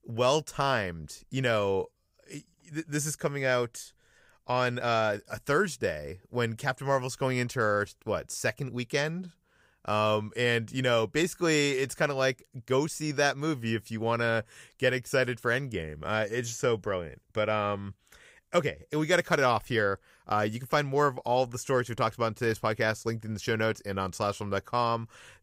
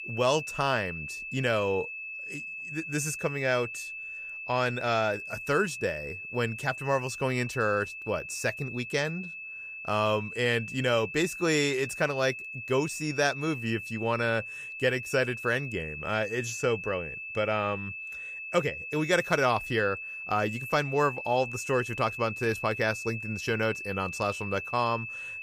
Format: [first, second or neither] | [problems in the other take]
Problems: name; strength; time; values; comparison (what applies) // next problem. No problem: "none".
first | high-pitched whine; loud; throughout; 2.5 kHz, 8 dB below the speech